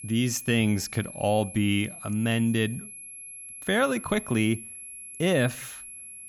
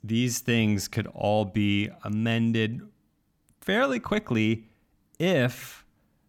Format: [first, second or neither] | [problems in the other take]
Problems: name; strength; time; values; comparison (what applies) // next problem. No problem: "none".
second | high-pitched whine; noticeable; throughout; 11 kHz, 15 dB below the speech